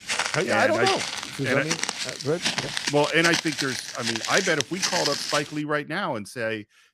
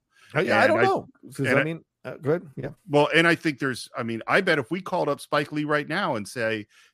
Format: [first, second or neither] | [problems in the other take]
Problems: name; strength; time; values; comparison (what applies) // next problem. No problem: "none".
second | footsteps; loud; until 5.5 s; peak 2 dB above the speech